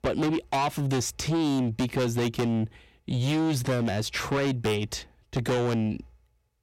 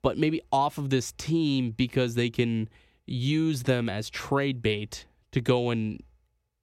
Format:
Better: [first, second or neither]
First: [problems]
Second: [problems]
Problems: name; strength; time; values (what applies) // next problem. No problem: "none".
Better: second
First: distortion; heavy; 7 dB below the speech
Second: none